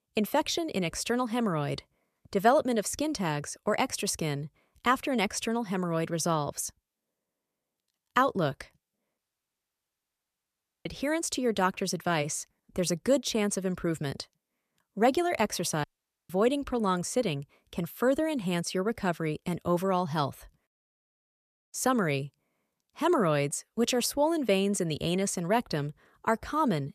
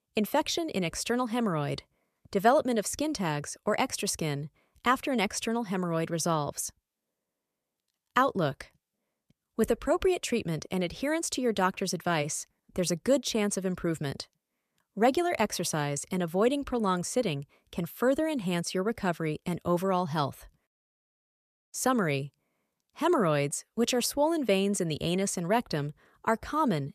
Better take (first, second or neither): second